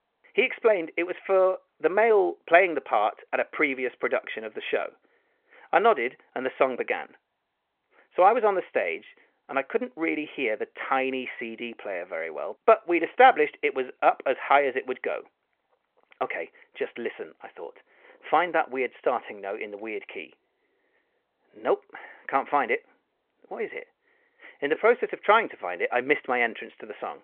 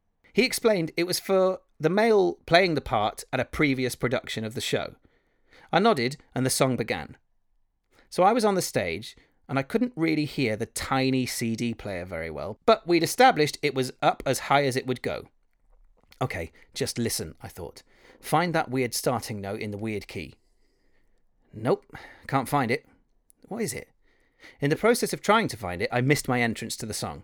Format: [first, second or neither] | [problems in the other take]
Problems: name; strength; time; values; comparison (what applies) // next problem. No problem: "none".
second | phone-call audio